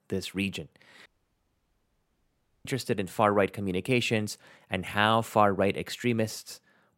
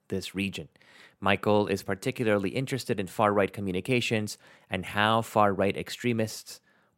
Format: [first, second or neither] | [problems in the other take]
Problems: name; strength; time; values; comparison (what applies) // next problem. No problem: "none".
second | audio cutting out; at 1 s for 1.5 s